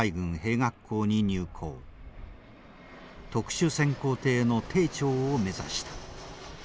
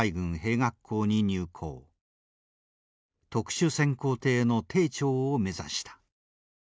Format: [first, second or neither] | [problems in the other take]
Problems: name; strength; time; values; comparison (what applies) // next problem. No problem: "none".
second | background sound (Fixed-wing aircraft, airplane); 15 dB below the speech